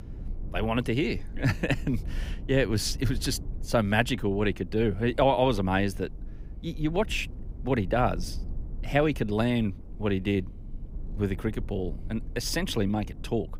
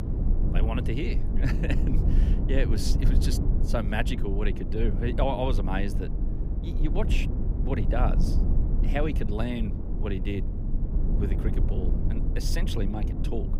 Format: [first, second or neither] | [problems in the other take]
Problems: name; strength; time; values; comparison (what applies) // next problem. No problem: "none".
first | low rumble; loud; throughout; 6 dB below the speech; faint in the first